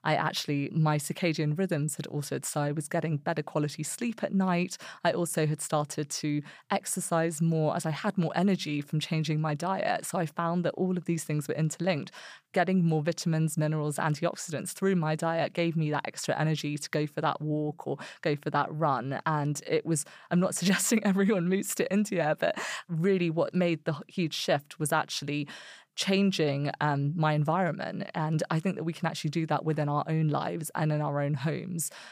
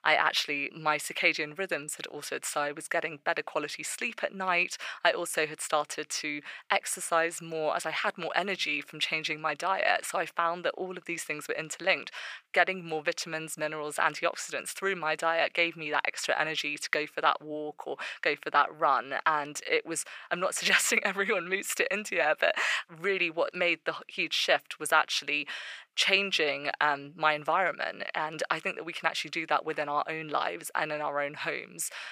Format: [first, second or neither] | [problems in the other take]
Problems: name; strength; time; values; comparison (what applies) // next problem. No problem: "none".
first | thin; very; fading below 500 Hz